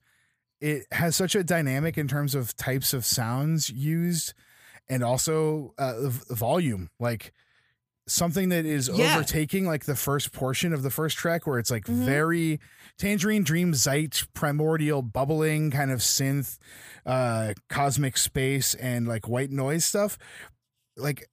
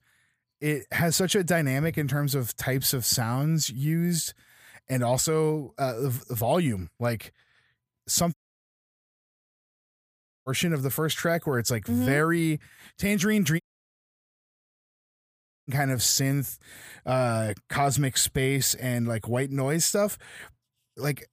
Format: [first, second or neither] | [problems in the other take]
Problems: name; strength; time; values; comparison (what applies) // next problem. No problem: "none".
first | audio cutting out; at 8.5 s for 2 s and at 14 s for 2 s